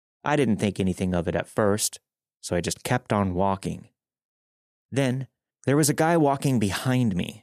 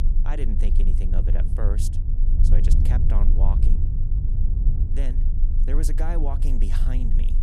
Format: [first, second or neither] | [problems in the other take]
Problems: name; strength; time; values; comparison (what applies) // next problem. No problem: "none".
first | low rumble; loud; throughout; 4 dB below the speech